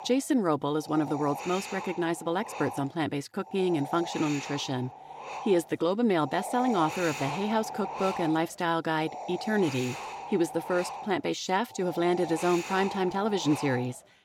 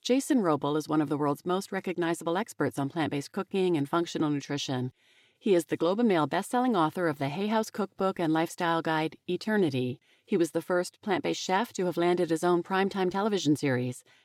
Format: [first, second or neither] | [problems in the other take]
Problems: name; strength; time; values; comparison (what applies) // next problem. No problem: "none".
second | wind noise on the microphone; heavy; 7 dB below the speech